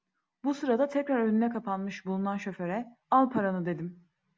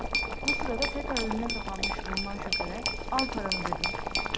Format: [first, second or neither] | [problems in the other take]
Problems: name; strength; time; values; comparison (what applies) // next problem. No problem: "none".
first | background sound (Glass + Boiling); 5 dB above the speech